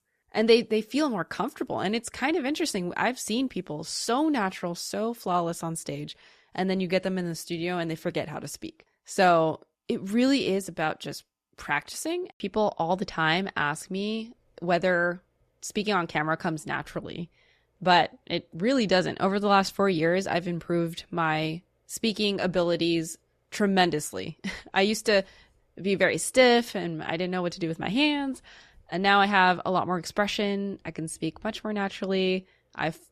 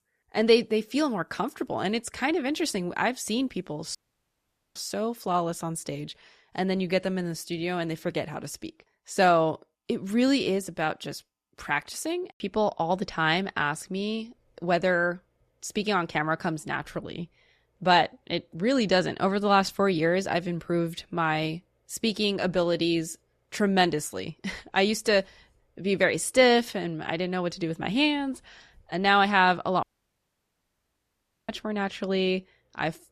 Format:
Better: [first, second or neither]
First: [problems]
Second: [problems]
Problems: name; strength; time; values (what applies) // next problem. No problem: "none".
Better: first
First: none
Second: audio cutting out; at 4 s for 1 s and at 30 s for 1.5 s